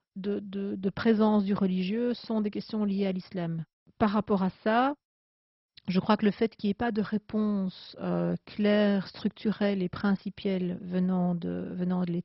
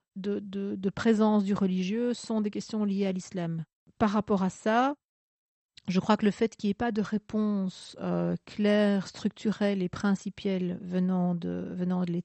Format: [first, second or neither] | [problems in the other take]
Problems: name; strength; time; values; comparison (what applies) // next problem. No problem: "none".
second | garbled, watery; badly; nothing above 5.5 kHz; slightly in the second